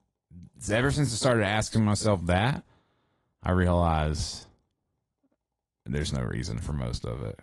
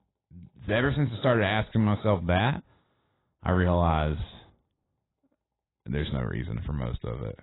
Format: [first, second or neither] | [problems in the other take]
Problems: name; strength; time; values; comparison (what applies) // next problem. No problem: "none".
first | garbled, watery; badly; nothing above 4 kHz; slightly in the first